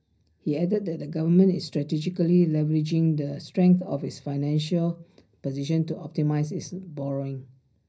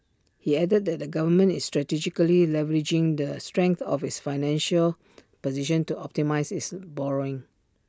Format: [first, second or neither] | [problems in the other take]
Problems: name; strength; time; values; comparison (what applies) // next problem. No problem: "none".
second | room echo; dies away in 0.5 s